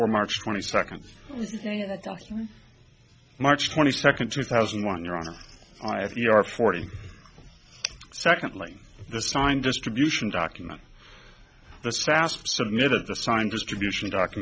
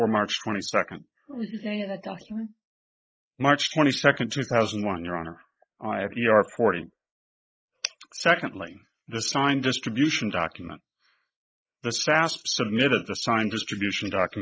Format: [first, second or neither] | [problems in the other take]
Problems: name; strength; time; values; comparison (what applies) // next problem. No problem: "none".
first | noise reduction (neural mask model Resemble Enhance denoiser)